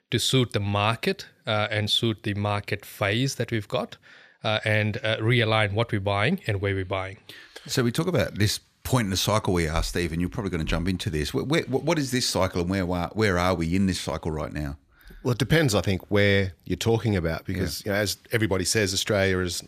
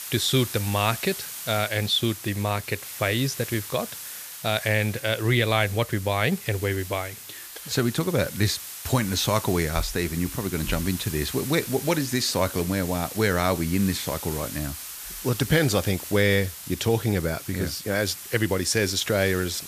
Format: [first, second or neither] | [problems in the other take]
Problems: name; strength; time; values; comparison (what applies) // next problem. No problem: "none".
first | hiss; loud; throughout; 10 dB below the speech